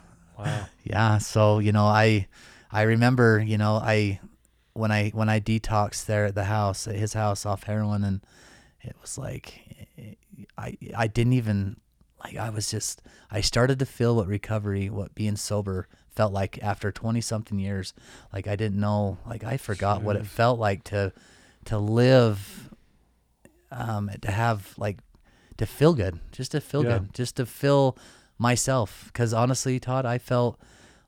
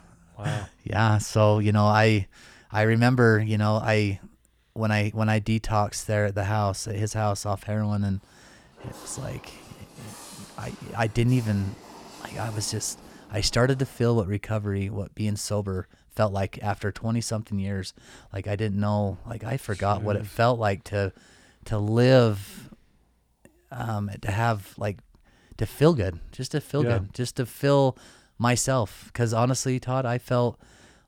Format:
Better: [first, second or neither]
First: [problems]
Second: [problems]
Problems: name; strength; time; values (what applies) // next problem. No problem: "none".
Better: first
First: none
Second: footsteps; faint; from 8 to 14 s; peak 15 dB below the speech